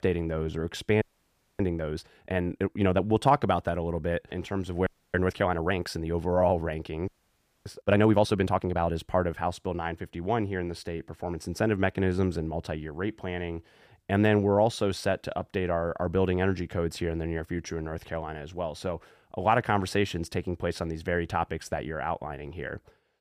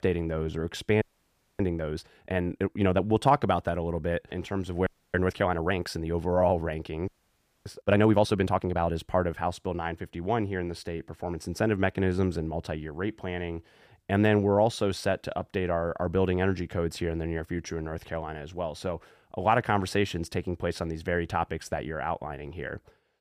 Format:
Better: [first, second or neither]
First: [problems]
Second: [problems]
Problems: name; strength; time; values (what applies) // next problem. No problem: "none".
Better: neither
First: audio freezing; at 1 s for 0.5 s, at 5 s and at 7 s for 0.5 s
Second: audio freezing; at 1 s for 0.5 s, at 5 s and at 7 s for 0.5 s